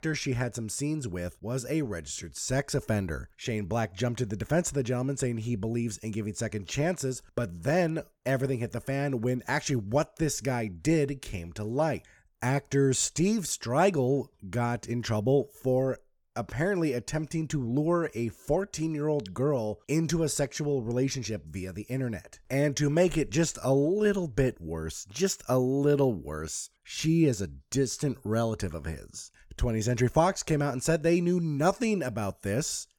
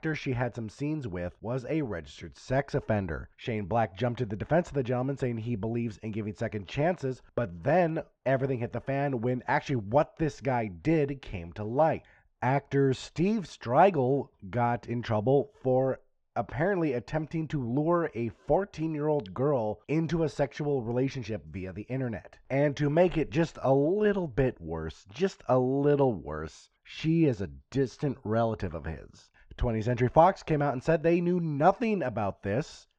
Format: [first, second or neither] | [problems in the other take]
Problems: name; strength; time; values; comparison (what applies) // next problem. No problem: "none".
first | muffled; very; fading above 3.5 kHz